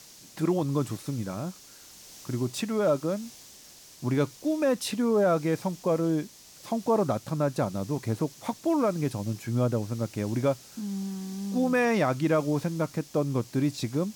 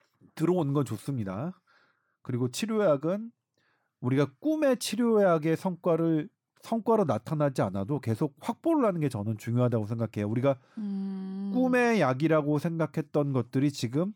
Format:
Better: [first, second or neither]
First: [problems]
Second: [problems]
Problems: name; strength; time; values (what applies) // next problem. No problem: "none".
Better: second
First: hiss; noticeable; throughout; 20 dB below the speech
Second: none